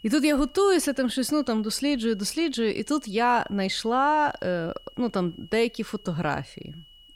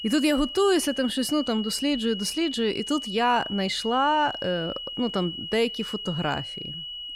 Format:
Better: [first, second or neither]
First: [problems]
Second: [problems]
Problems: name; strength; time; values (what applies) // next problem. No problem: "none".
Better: first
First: high-pitched whine; faint; throughout; 3 kHz, 25 dB below the speech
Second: high-pitched whine; loud; throughout; 3 kHz, 8 dB below the speech